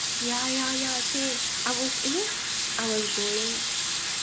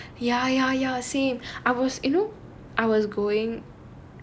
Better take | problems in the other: second | background sound (Sink (filling or washing) / Water tap, faucet); 5 dB above the speech

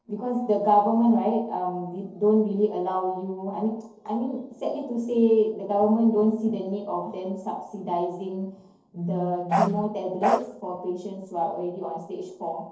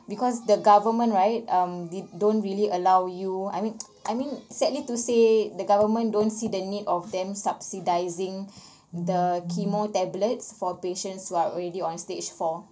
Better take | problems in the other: second | noise reduction (neural separator model SepFormer DNS4)

